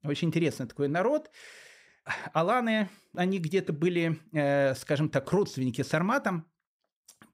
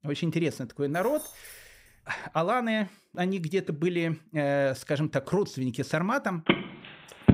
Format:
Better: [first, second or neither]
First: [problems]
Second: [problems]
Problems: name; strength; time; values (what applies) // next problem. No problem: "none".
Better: first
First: none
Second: jangling keys; faint; from 1 to 2.5 s; peak 10 dB below the speech // phone ringing; loud; at 6.5 s; peak 4 dB above the speech